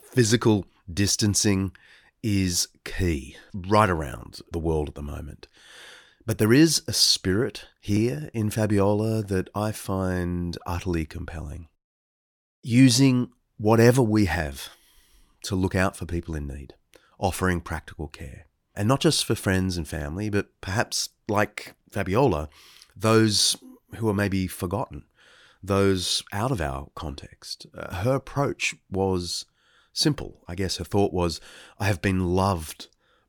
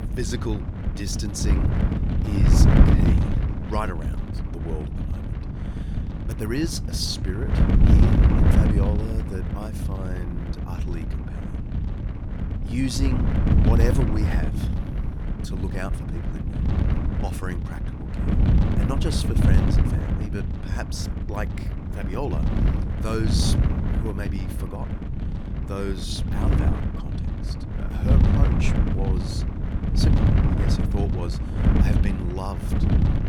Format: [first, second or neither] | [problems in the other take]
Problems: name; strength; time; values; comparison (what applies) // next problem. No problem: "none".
first | wind noise on the microphone; heavy; as loud as the speech